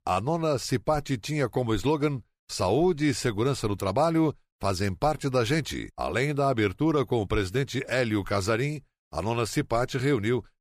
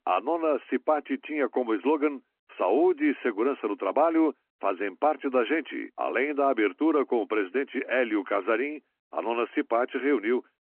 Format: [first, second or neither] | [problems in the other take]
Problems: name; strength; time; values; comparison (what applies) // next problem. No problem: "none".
first | phone-call audio